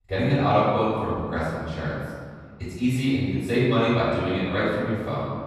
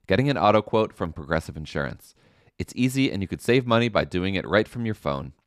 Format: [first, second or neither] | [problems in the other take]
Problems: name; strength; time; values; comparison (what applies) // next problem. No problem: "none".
second | room echo; strong; dies away in 1.9 s // off-mic speech; far